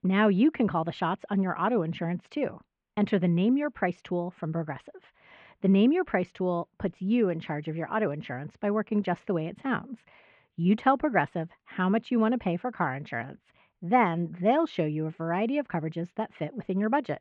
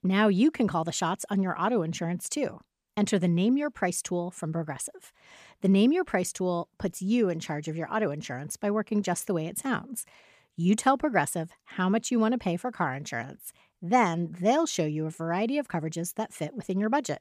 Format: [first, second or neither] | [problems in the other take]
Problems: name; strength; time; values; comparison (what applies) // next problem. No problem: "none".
second | muffled; very; fading above 3 kHz